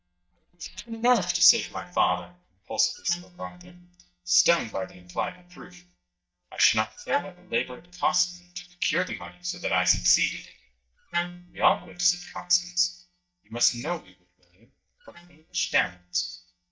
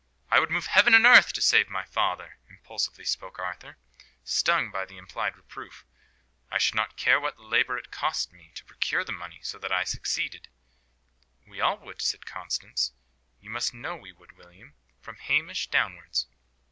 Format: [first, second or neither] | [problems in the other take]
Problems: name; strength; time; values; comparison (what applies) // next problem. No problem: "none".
second | noise reduction (neural mask model DeepFilterNet 3)